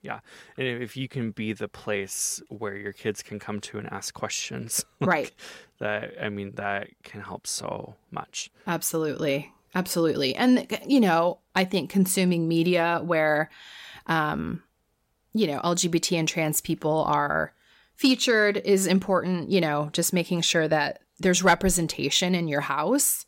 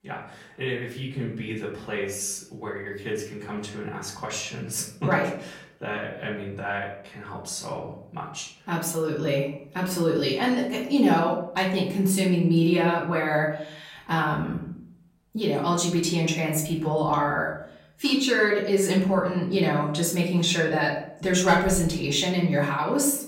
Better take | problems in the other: first | off-mic speech; far // room echo; slight; dies away in 0.6 s

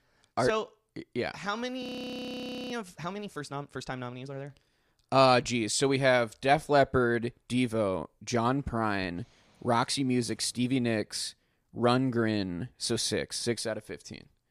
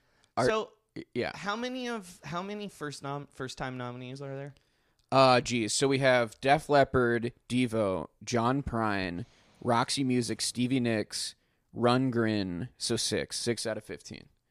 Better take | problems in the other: second | audio freezing; at 2 s for 1 s

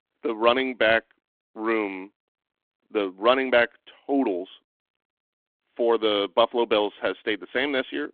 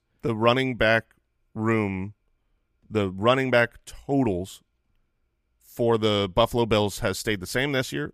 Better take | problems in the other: second | phone-call audio

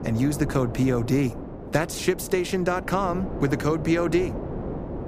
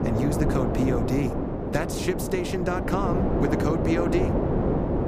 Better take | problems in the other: first | wind noise on the microphone; heavy; 1 dB above the speech; occasional gusts in the first

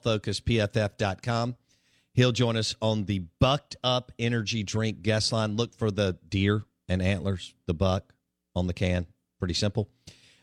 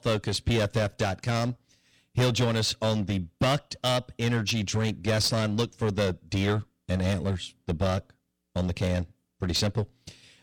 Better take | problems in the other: first | distortion; heavy; 8% of the sound clipped

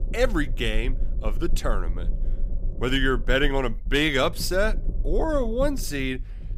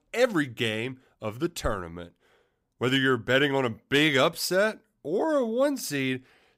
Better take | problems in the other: second | low rumble; faint; throughout; 25 dB below the speech

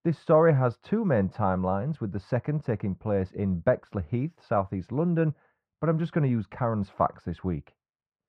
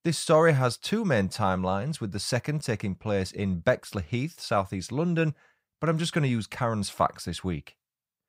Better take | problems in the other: second | muffled; very; fading above 3.5 kHz

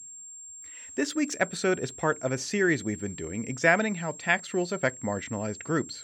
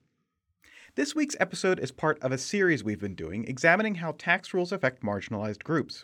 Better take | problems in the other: second | high-pitched whine; noticeable; throughout; 7.5 kHz, 15 dB below the speech

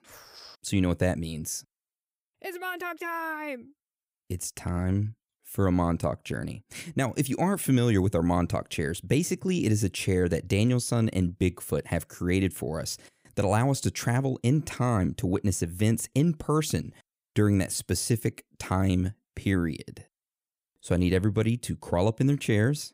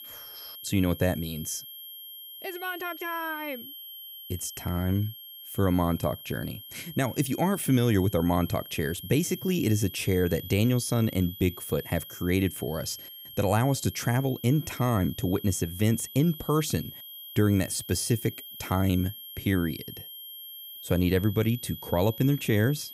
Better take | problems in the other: first | high-pitched whine; noticeable; throughout; 3 kHz, 15 dB below the speech

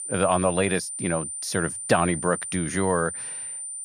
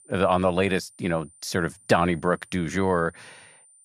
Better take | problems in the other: second | high-pitched whine; loud; throughout; 9 kHz, 6 dB below the speech; faint in the second

